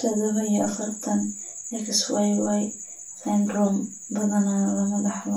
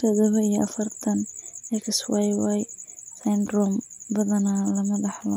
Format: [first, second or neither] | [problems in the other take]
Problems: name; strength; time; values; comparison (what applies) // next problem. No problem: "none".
second | room echo; dies away in 0.3 s